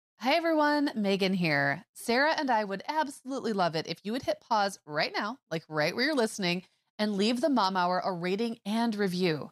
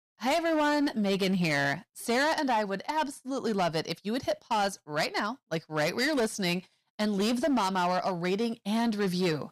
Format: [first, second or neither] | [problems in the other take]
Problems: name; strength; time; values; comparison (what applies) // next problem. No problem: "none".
first | distortion; slight; 11% of the sound clipped